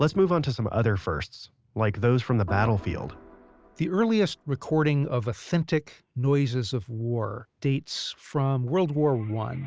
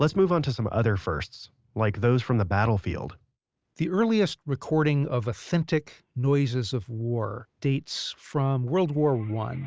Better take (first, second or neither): second